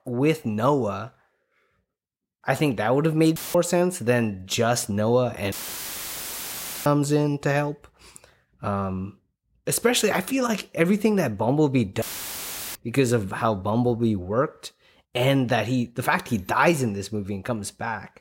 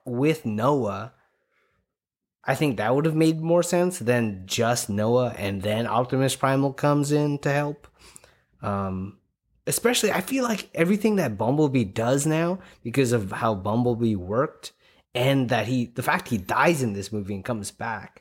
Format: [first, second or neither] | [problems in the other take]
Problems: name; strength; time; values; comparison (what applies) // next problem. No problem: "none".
second | audio cutting out; filled with static; at 3.5 s, at 5.5 s for 1.5 s and at 12 s for 0.5 s